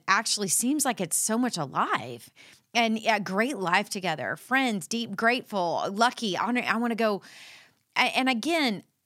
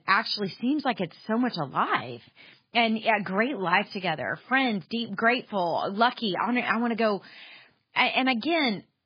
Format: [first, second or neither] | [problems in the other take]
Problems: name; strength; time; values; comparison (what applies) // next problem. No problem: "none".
first | garbled, watery; badly